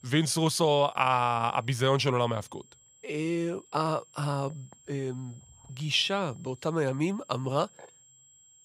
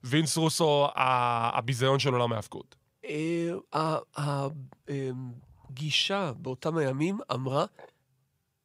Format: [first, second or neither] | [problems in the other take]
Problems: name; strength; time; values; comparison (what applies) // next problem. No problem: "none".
second | high-pitched whine; faint; throughout; 7.5 kHz, 30 dB below the speech